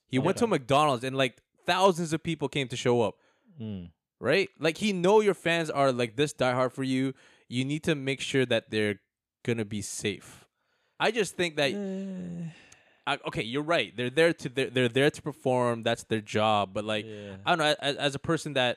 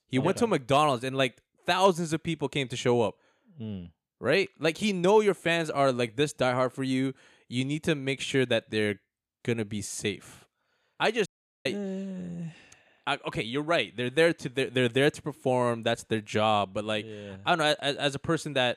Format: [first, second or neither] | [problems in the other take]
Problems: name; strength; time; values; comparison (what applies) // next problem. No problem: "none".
first | audio cutting out; at 11 s